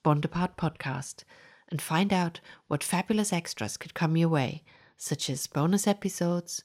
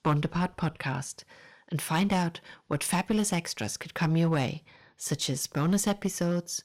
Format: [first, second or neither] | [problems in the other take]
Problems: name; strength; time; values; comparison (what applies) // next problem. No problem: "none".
first | distortion; slight; 4% of the sound clipped